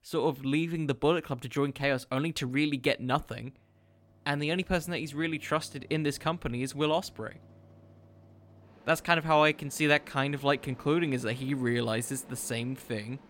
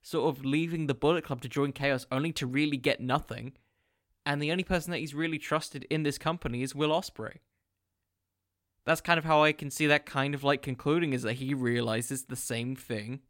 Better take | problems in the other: second | machinery noise; faint; throughout; 25 dB below the speech

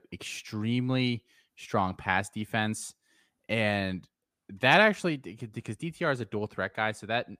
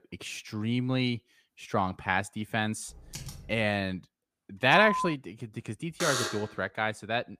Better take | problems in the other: first | keyboard typing; faint; at 3 s; peak 15 dB below the speech // phone ringing; noticeable; at 4.5 s; peak 1 dB below the speech // alarm; noticeable; at 6 s; peak level with the speech

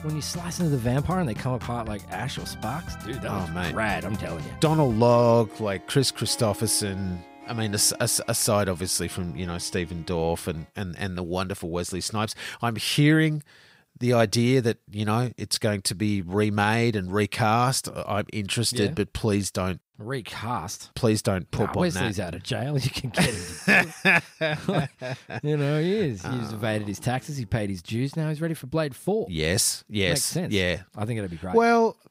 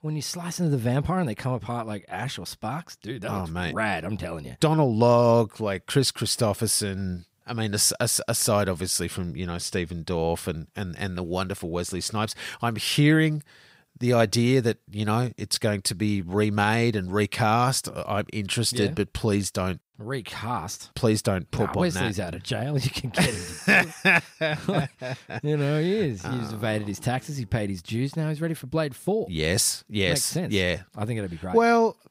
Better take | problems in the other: second | background music; noticeable; until 11 s; 15 dB below the speech

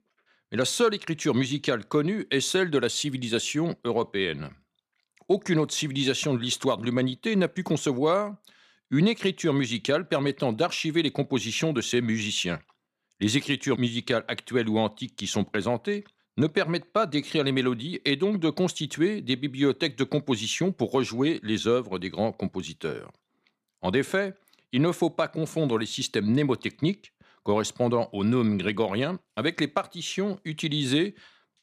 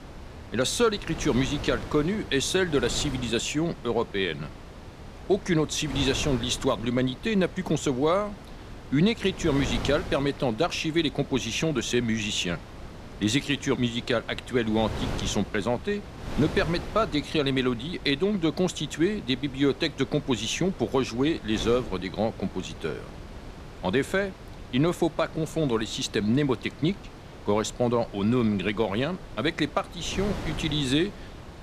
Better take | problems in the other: first | wind noise on the microphone; occasional gusts; 15 dB below the speech

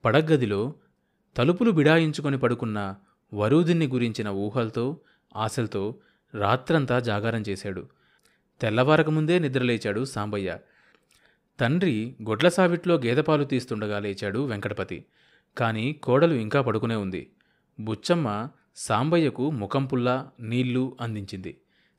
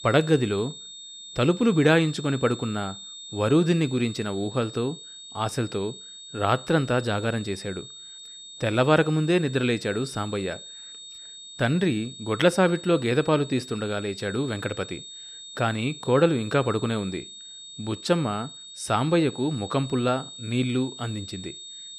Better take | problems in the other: first | high-pitched whine; noticeable; throughout; 3.5 kHz, 15 dB below the speech

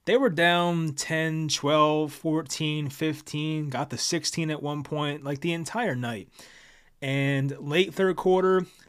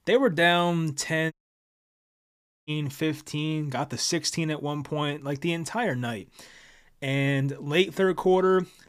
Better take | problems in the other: first | audio cutting out; at 1.5 s for 1.5 s

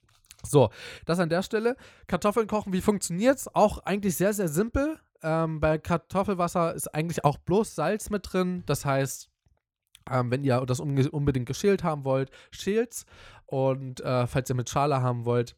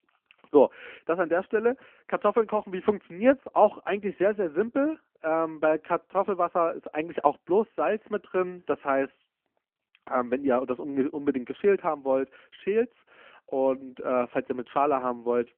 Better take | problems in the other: first | phone-call audio

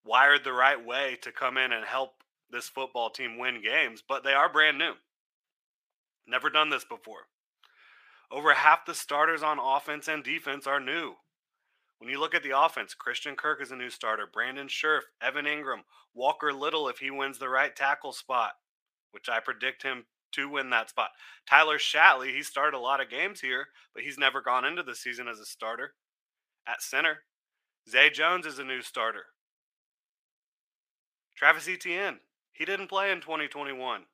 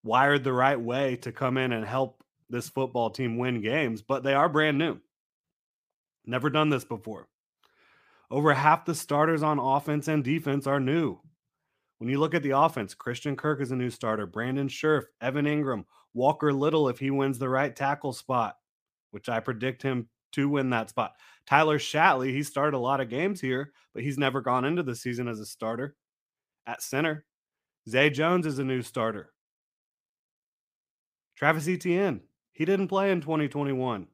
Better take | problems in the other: second | thin; very; fading below 600 Hz

